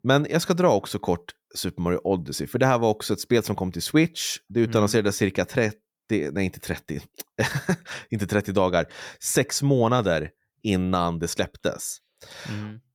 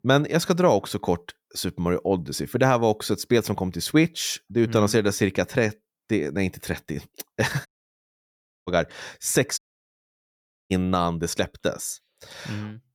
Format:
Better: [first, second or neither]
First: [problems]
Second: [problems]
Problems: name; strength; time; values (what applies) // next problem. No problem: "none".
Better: first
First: none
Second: audio cutting out; at 7.5 s for 1 s and at 9.5 s for 1 s